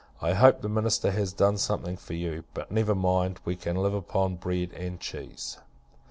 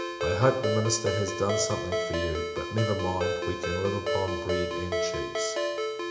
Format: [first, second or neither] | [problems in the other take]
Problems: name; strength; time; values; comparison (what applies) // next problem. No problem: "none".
first | background sound (Ringtone); as loud as the speech // room echo; dies away in 0.8 s